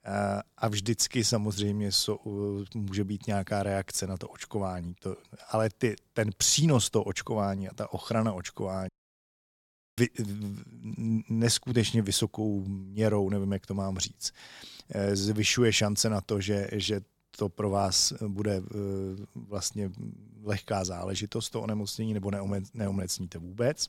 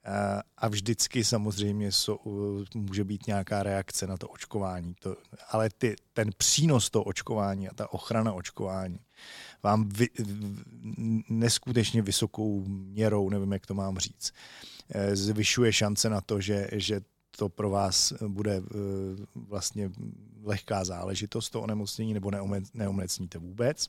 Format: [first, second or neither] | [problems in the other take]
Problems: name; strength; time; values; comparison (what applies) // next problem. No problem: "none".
second | audio cutting out; at 9 s for 1 s